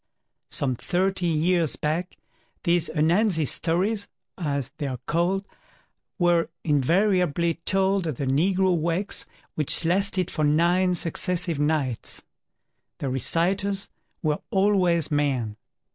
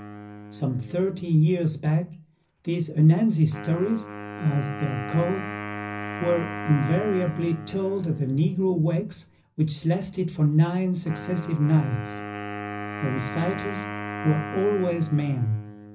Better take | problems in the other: first | background sound (Wind instrument, woodwind instrument); 11 dB below the speech // room echo; dies away in 0.4 s

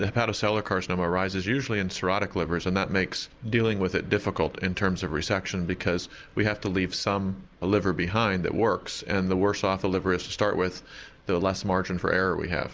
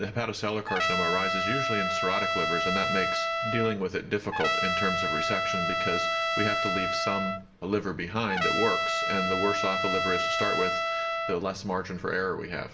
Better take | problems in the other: first | background sound (Trumpet); 2 dB above the speech // room echo; dies away in 0.5 s

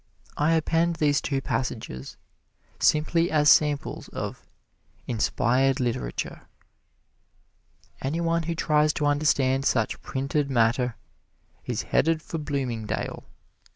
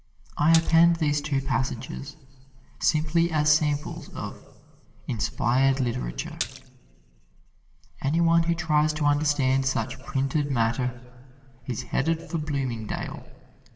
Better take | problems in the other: first | background sound (Splash, splatter); 12 dB below the speech // room echo; dies away in 2.1 s

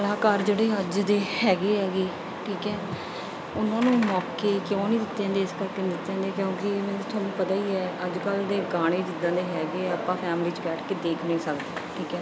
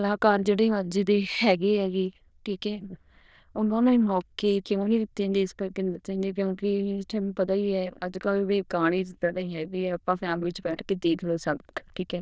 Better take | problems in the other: first | noise reduction (neural diffusion model UNIVERSE++)

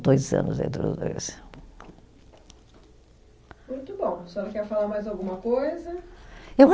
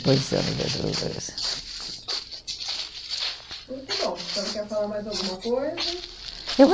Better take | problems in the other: first | background sound (Walk, footsteps); 6 dB below the speech

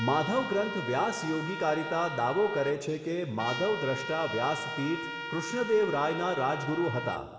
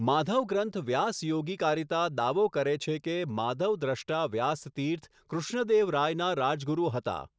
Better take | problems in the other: second | background sound (Trumpet); 8 dB below the speech // room echo; dies away in 1.7 s

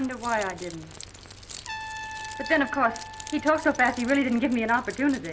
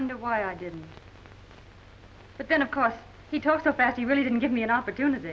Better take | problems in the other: second | background sound (Trumpet + Keys jangling); 14 dB below the speech

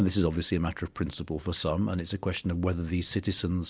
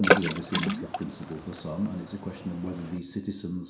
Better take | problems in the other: first | background sound (Water / Splash, splatter); 3 dB above the speech // room echo; dies away in 0.7 s

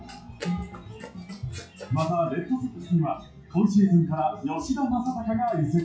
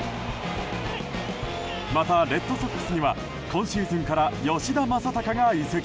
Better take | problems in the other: second | noise reduction (classical method WPE with log-MMSE)

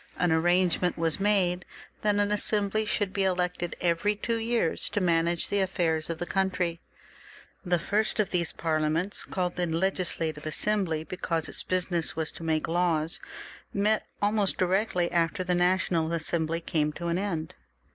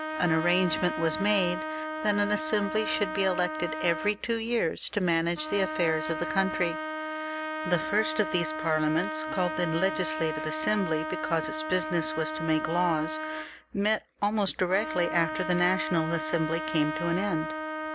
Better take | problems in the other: first | background sound (Trumpet); 5 dB below the speech

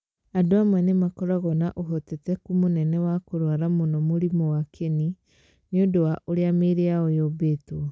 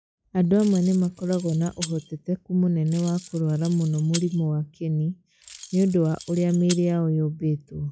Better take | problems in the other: first | noise reduction (classical method log-MMSE)

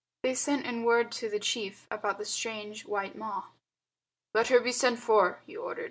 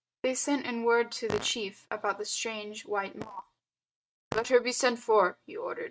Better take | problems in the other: first | noise reduction (neural mask model RNNoise)

